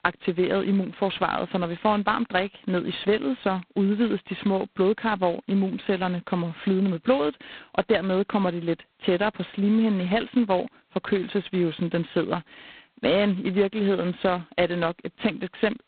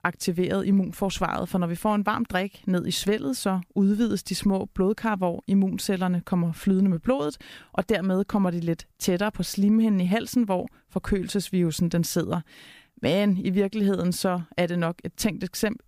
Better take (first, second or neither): second